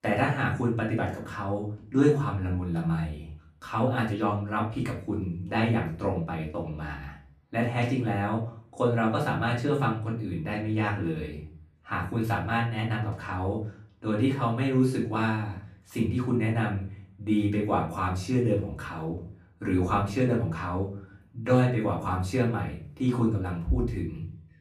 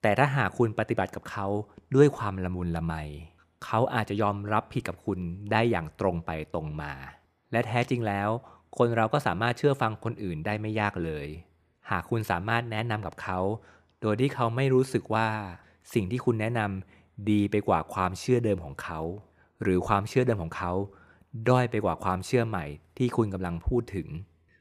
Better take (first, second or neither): second